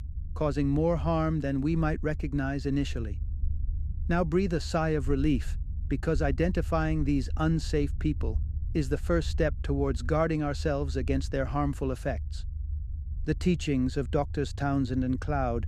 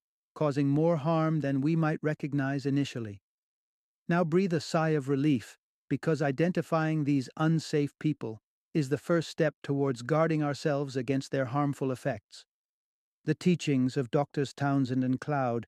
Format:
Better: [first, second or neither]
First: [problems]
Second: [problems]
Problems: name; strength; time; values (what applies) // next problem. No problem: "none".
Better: second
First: low rumble; faint; throughout; 25 dB below the speech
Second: none